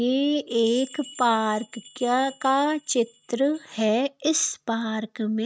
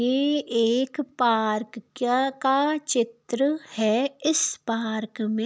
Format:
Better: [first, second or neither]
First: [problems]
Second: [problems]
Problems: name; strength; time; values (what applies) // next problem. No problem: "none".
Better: second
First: noise reduction (neural mask model RNNoise)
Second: none